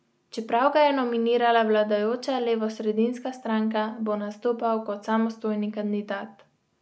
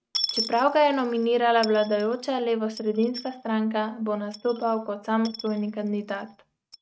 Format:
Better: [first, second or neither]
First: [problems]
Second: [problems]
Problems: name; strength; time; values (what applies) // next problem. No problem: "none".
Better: first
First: none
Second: noise reduction (neural mask model RNNoise)